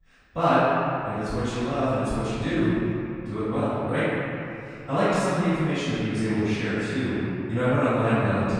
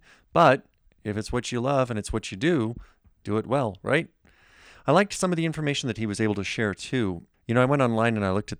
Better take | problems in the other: second | off-mic speech; far // room echo; strong; dies away in 2.7 s

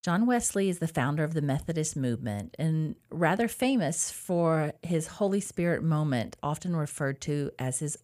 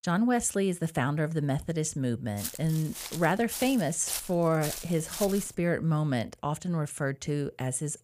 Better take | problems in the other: first | footsteps; noticeable; from 2.5 to 5.5 s; peak 5 dB below the speech

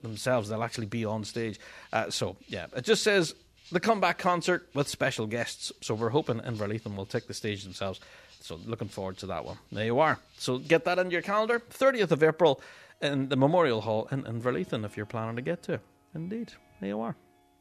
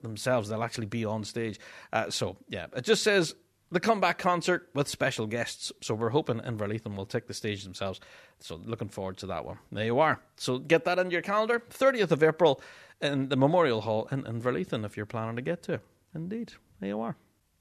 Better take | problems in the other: second | background music; faint; throughout; 25 dB below the speech

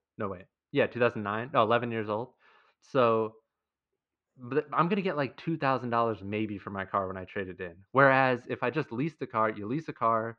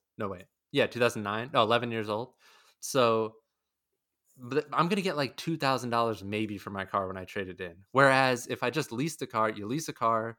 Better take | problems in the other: second | muffled; very; fading above 2.5 kHz

